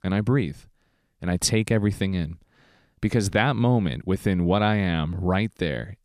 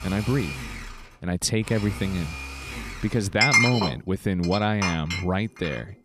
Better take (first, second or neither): first